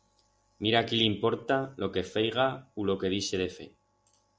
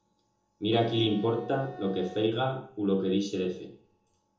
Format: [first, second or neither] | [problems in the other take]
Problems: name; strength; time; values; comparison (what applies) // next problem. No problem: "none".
first | background sound (Wind instrument, woodwind instrument); 18 dB below the speech // room echo; dies away in 1 s